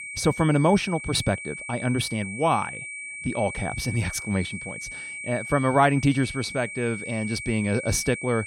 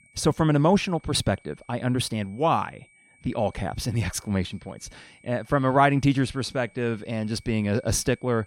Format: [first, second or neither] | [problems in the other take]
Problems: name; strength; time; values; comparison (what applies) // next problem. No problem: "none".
second | high-pitched whine; loud; throughout; 2.5 kHz, 9 dB below the speech; faint in the second